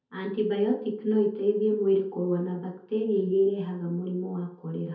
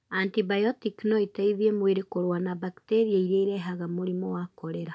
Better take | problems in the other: second | room echo; dies away in 0.5 s

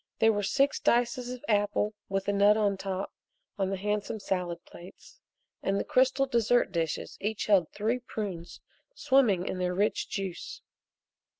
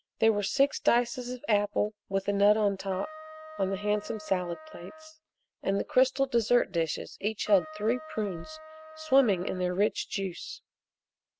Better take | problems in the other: first | background sound (Trumpet); 17 dB below the speech

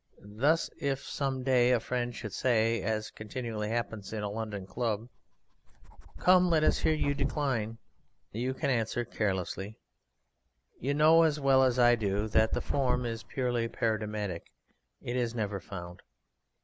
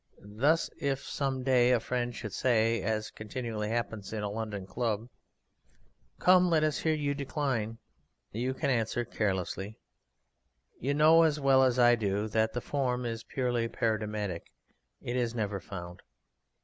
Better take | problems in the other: second | background sound (Dog); 3 dB below the speech

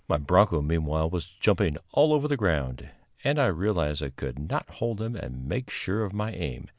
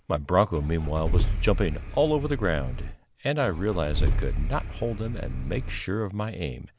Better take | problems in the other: first | background sound (Engine starting / Car); as loud as the speech

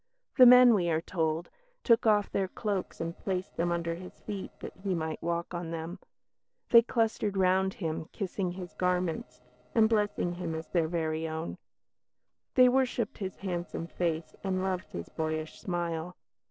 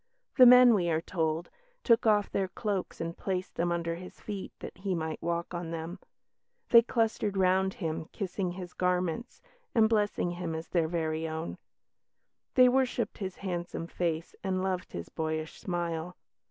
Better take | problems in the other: second | noise reduction (neural separator model SepFormer DNS4)

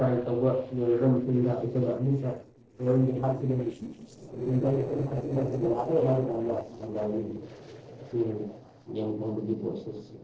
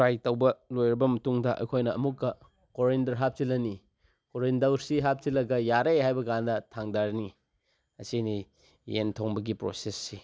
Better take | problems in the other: second | noise reduction (neural separator model SepFormer DNS4)

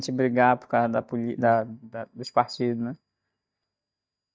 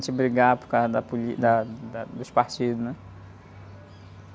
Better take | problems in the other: second | noise reduction (neural mask model DeepFilterNet 3)

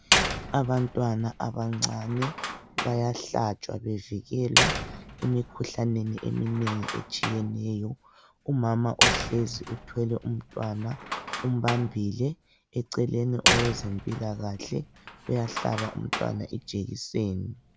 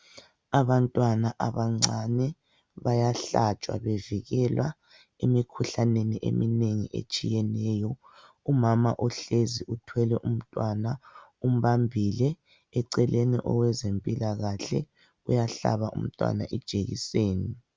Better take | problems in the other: second | background sound (Slam); 3 dB below the speech

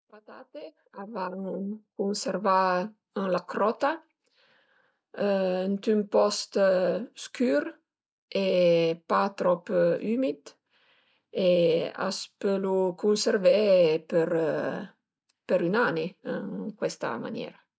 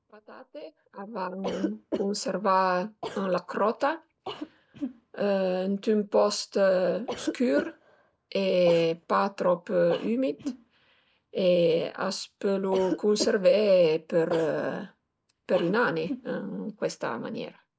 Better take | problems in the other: first | background sound (Cough); 13 dB below the speech

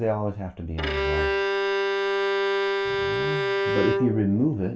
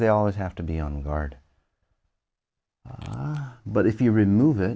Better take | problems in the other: second | background sound (Bowed string instrument); 2 dB above the speech // room echo; dies away in 0.3 s

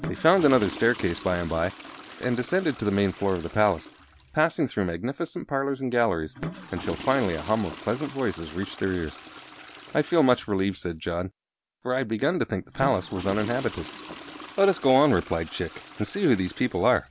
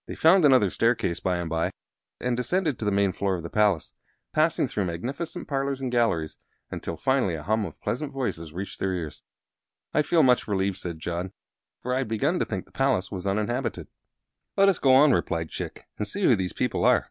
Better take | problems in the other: second | background sound (Toilet flush / Water); 16 dB below the speech

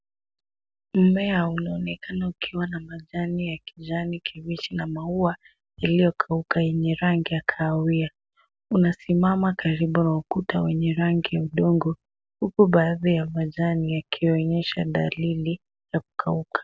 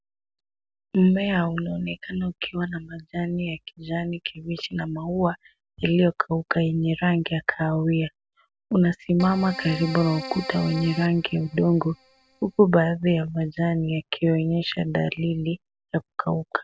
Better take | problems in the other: first | background sound (Keyboard (musical)); 14 dB below the speech

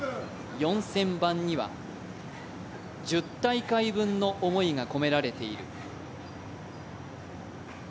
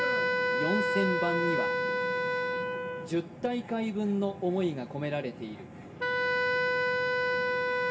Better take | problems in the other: first | background sound (Wind instrument, woodwind instrument); 3 dB above the speech // room echo; dies away in 0.2 s

